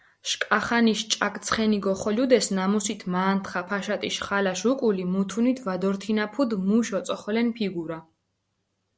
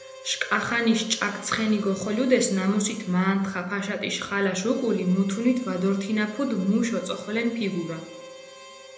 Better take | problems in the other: first | background sound (Harmonica); 19 dB below the speech // room echo; dies away in 0.8 s

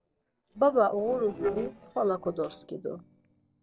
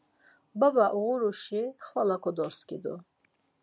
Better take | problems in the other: second | noise reduction (neural separator model SepFormer DNS4)

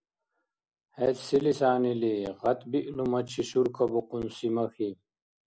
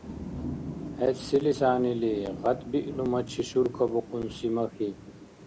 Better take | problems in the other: first | background sound (Thunder / Rain); 11 dB below the speech

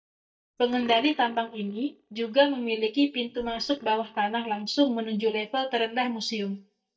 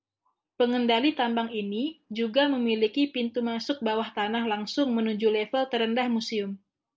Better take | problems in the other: second | noise reduction (neural mask model DeepFilterNet 3)

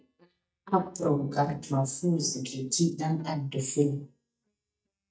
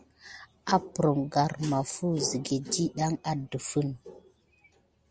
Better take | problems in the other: second | noise reduction (neural mask model DeepFilterNet 3)

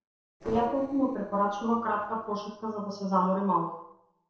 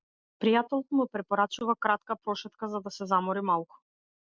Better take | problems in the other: second | noise reduction (neural separator model SepFormer DNS4)

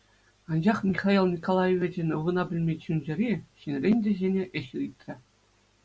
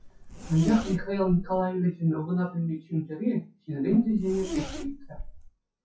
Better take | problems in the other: first | noise reduction (classical method WPE with log-MMSE)

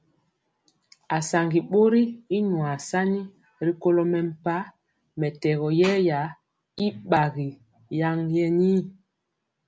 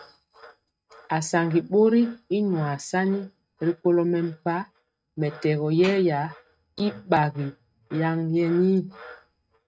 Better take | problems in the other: first | noise reduction (neural mask model RNNoise)

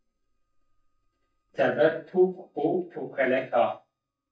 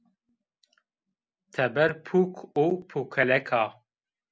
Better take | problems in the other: second | noise reduction (neural mask model DeepFilterNet 3)

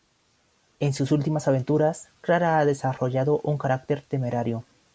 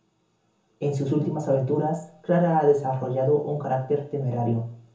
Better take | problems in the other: first | room echo; dies away in 0.6 s

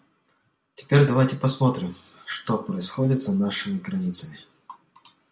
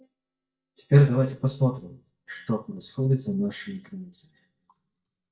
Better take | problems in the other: first | noise reduction (neural mask model DeepFilterNet 3)

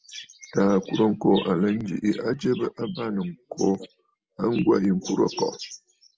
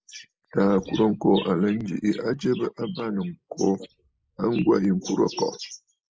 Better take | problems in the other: first | noise reduction (neural mask model Resemble Enhance denoiser)

